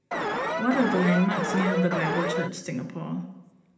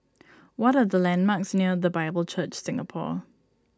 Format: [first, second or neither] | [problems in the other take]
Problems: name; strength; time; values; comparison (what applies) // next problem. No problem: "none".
second | background sound (Alarm); 1 dB below the speech // room echo; dies away in 1 s